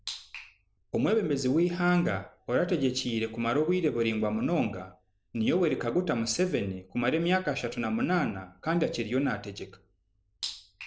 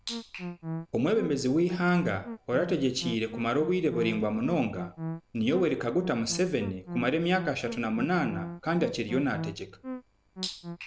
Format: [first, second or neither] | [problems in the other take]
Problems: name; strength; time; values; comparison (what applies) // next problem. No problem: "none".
first | background sound (Musical instrument); 11 dB below the speech